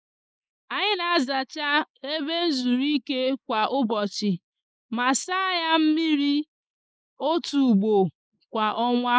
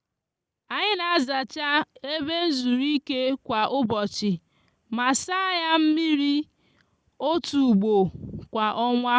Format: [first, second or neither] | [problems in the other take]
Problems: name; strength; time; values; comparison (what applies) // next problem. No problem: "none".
second | noise reduction (neural mask model Resemble Enhance denoiser)